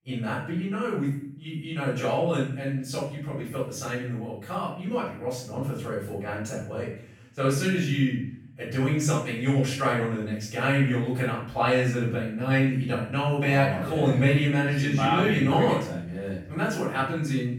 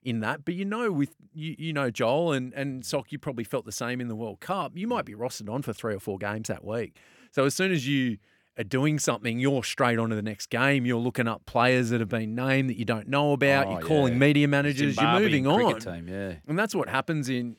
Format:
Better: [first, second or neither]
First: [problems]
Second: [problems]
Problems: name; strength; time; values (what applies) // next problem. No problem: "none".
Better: second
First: off-mic speech; far // room echo; noticeable; dies away in 0.6 s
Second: none